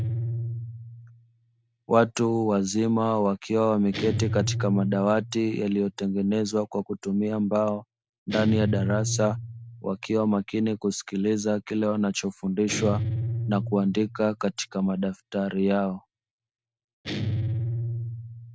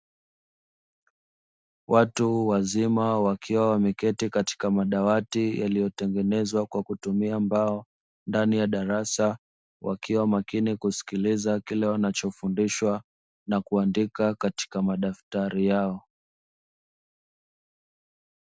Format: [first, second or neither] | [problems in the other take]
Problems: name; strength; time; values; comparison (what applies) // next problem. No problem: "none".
second | background sound (Guitar); 7 dB below the speech